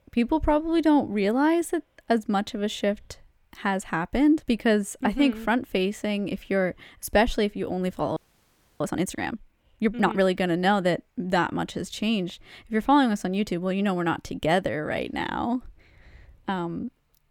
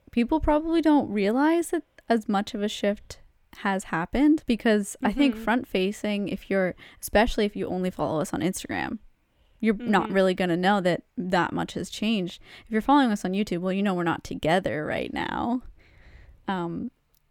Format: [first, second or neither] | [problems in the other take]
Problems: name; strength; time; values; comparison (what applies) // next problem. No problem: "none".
second | audio freezing; at 8 s for 0.5 s